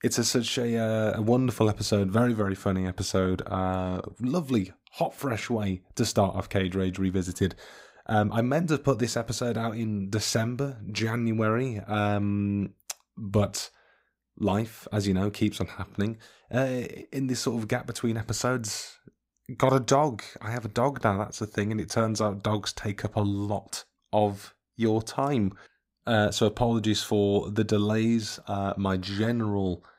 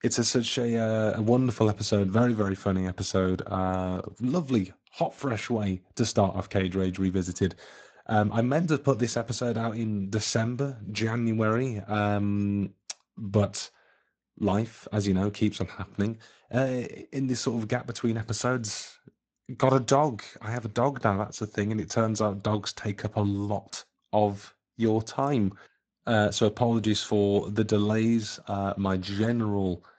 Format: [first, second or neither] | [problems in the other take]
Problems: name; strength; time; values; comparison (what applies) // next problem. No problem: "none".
first | garbled, watery; slightly; nothing above 7.5 kHz